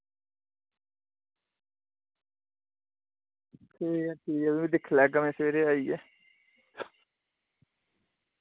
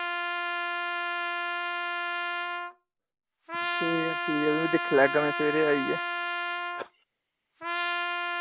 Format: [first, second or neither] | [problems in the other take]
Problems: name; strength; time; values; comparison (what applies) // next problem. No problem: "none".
first | background sound (Trumpet); as loud as the speech